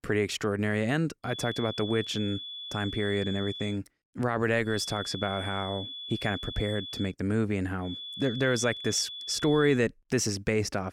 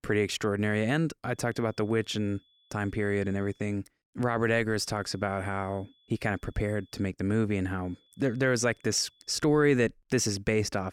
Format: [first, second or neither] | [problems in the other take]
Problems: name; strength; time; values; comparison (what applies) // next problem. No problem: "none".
second | high-pitched whine; loud; from 1.5 to 3.5 s, from 4.5 to 7 s and from 8 to 9.5 s; 3.5 kHz, 8 dB below the speech; faint in the second